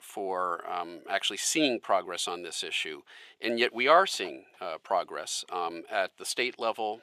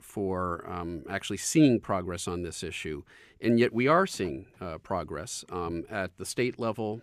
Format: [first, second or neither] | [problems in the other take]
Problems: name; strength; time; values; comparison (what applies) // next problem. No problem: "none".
second | thin; very; fading below 500 Hz